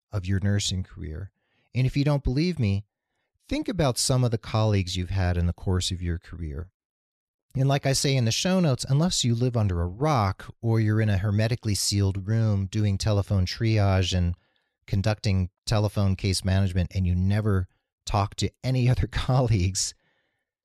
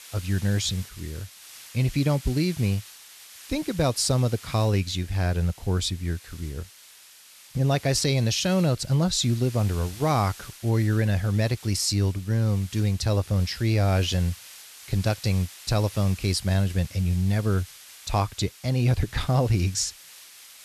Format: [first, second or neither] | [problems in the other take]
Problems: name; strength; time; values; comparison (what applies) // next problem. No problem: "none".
first | hiss; noticeable; throughout; 20 dB below the speech